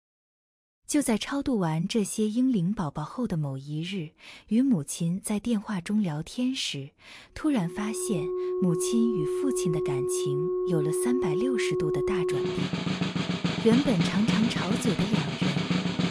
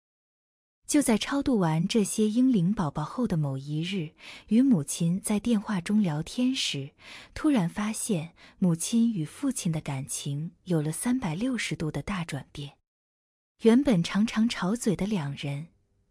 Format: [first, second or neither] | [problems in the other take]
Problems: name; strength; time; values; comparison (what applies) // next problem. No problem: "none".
second | background music; very loud; from 8 s on; as loud as the speech